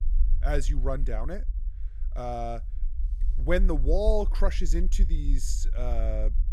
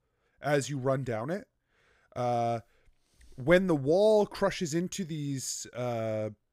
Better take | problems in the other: second | low rumble; faint; throughout; 20 dB below the speech

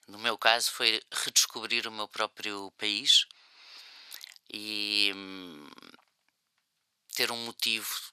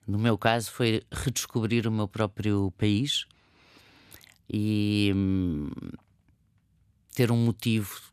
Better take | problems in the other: second | thin; very; fading below 850 Hz

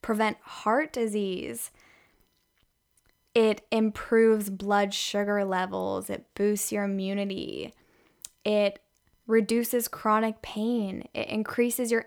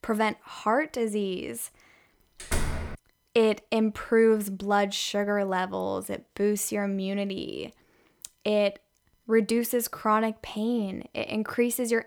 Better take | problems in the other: first | door banging; noticeable; at 2.5 s; peak 4 dB below the speech

